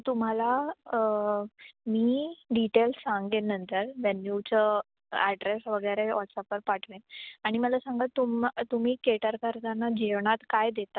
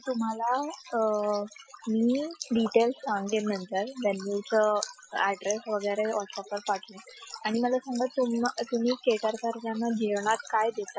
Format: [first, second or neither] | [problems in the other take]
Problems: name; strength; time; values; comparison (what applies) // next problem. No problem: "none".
first | noise reduction (classical method Wiener filter)